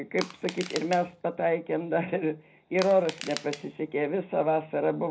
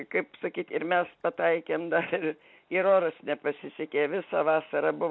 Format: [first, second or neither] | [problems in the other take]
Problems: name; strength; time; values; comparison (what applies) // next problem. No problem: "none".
second | background sound (Crushing); 13 dB below the speech // room echo; dies away in 0.4 s